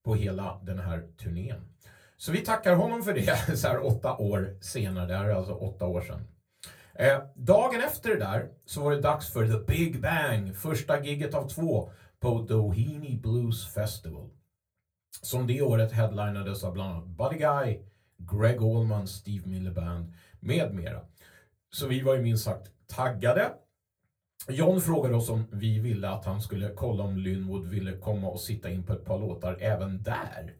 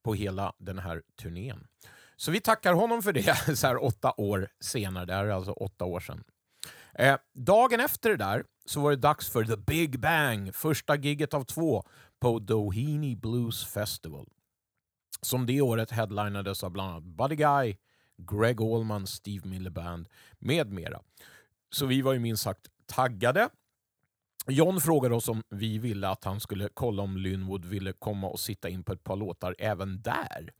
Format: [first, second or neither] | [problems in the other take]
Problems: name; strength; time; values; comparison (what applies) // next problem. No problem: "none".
second | off-mic speech; far // room echo; very slight; dies away in 0.2 s